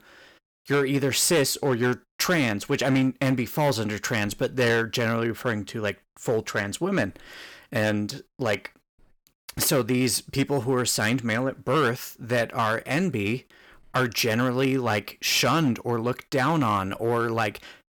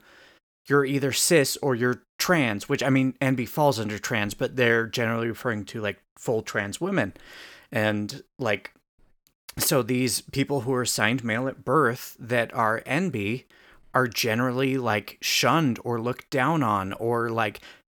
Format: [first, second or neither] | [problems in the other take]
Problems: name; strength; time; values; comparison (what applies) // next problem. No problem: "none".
second | distortion; slight; 5% of the sound clipped